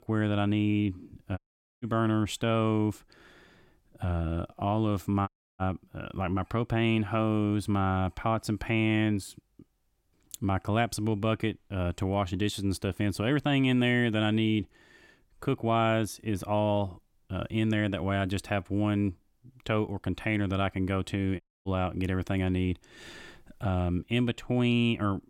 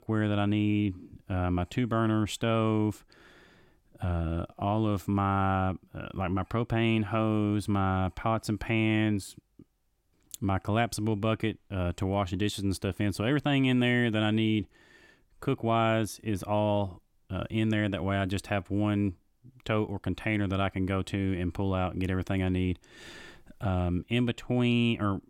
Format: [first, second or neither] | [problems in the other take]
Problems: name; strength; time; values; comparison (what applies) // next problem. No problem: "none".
second | audio cutting out; at 1.5 s, at 5.5 s and at 21 s